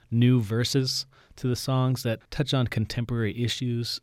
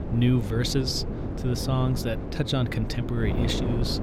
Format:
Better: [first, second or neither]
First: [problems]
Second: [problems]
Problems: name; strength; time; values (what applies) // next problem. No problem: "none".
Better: first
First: none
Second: wind noise on the microphone; heavy; 6 dB below the speech